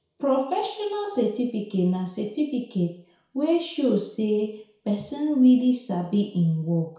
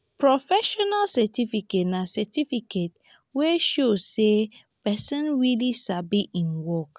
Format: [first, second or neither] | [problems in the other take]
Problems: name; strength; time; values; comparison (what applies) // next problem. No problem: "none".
second | room echo; dies away in 0.6 s